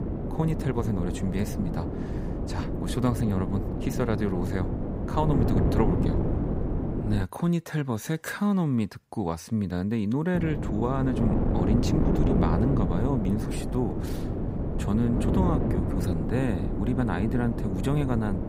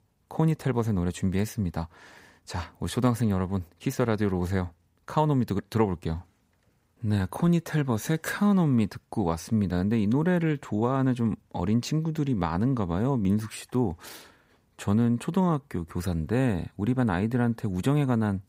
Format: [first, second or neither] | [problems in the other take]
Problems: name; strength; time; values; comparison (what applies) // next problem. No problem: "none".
second | wind noise on the microphone; heavy; until 7 s and from 10 s on; 2 dB below the speech